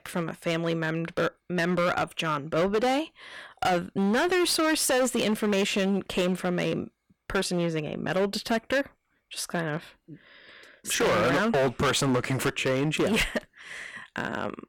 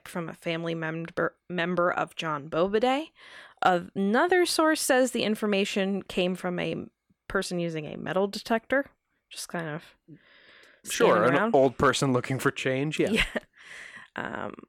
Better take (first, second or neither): second